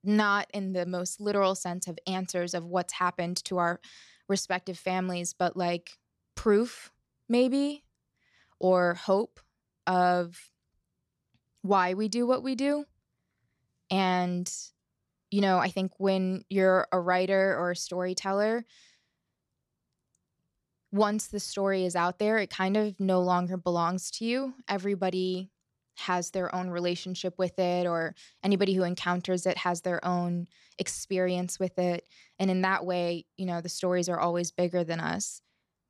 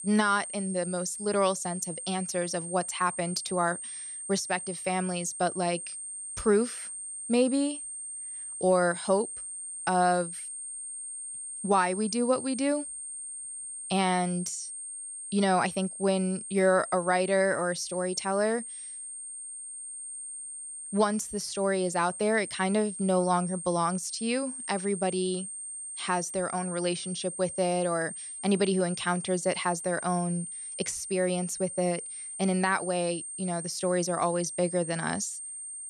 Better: first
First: none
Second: high-pitched whine; loud; throughout; 8.5 kHz, 8 dB below the speech

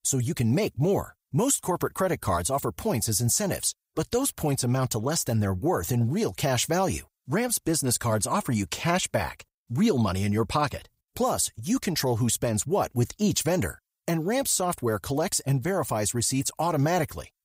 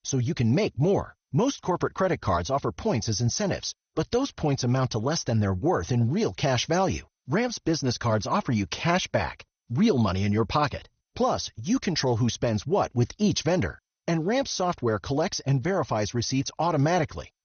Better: first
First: none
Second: garbled, watery; slightly; nothing above 6.5 kHz

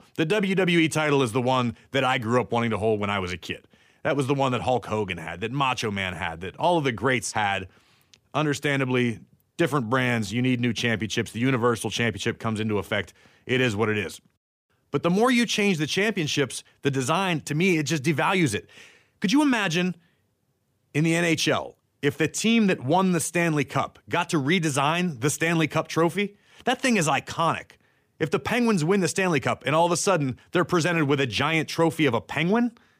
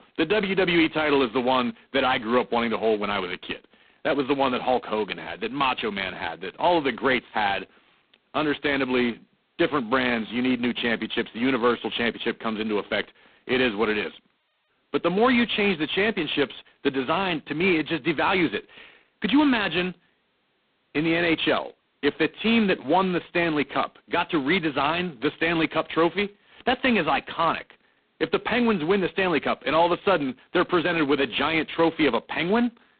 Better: first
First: none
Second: phone-call audio; poor line; nothing above 4 kHz

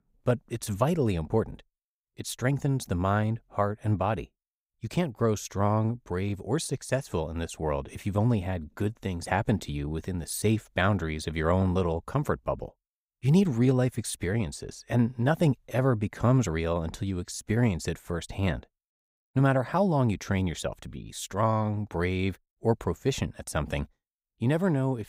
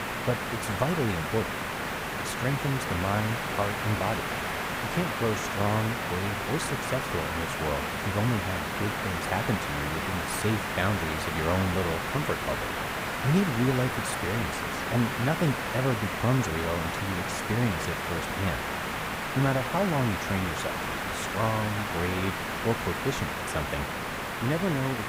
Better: first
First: none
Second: hiss; loud; throughout; as loud as the speech

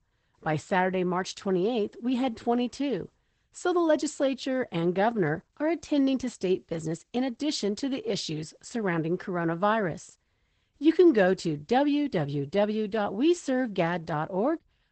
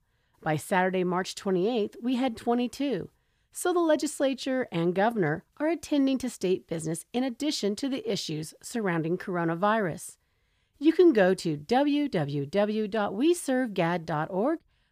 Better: second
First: garbled, watery; badly; nothing above 8 kHz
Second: none

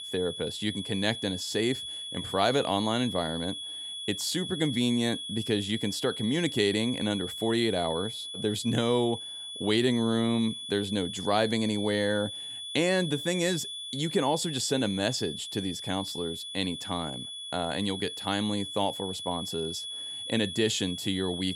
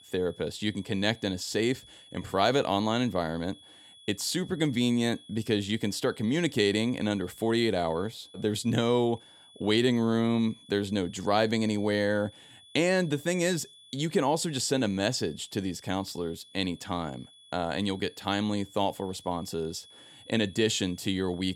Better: second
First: high-pitched whine; loud; throughout; 3.5 kHz, 6 dB below the speech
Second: high-pitched whine; faint; throughout; 3.5 kHz, 25 dB below the speech

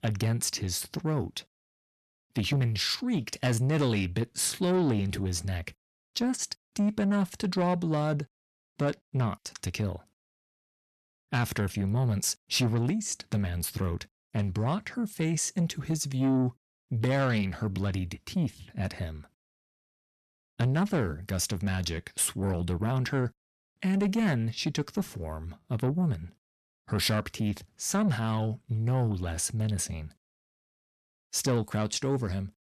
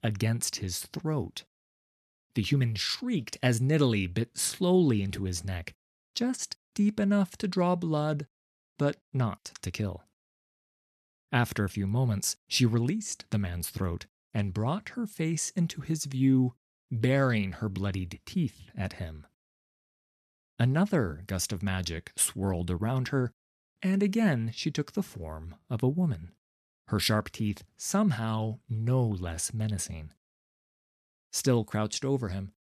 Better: second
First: distortion; slight; 10 dB below the speech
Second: none

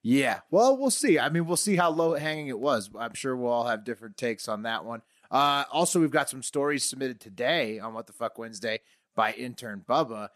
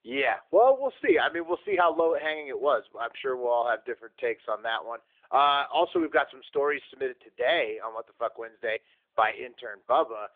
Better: first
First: none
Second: phone-call audio; nothing above 3.5 kHz

